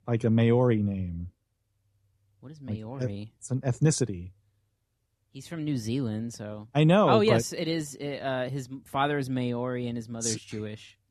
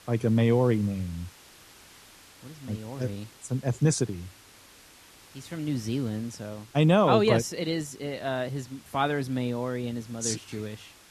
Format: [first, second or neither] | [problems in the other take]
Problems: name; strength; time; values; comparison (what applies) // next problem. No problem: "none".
first | hiss; faint; throughout; 25 dB below the speech